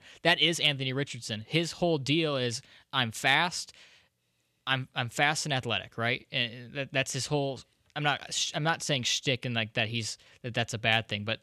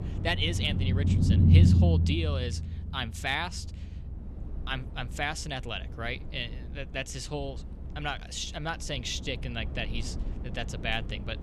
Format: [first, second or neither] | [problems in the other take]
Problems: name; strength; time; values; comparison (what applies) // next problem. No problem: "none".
first | low rumble; loud; throughout; 6 dB below the speech